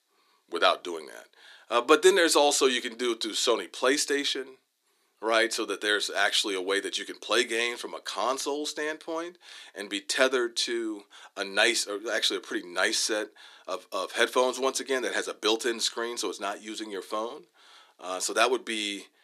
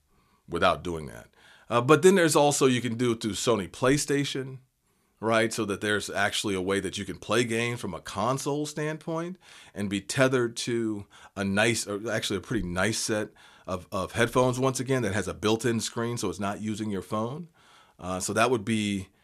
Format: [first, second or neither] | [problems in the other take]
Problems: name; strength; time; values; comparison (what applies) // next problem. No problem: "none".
second | thin; somewhat; fading below 300 Hz